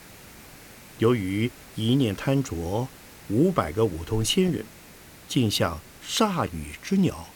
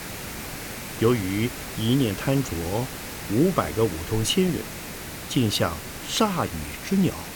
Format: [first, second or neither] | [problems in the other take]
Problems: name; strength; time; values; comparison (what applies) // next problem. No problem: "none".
first | hiss; loud; throughout; 9 dB below the speech; faint in the first